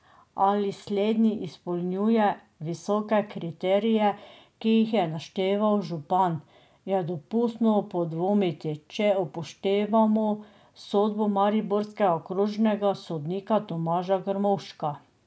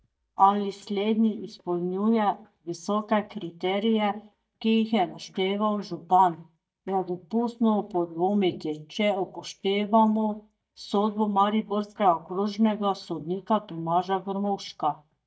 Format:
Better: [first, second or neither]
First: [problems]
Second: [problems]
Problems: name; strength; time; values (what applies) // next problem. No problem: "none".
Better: first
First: none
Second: noise reduction (neural mask model DeepFilterNet 3)